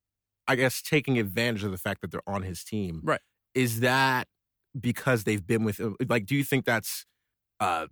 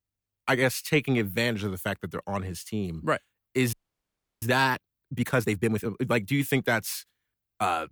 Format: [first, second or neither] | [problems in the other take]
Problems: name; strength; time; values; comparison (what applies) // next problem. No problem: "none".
first | audio freezing; at 3.5 s for 0.5 s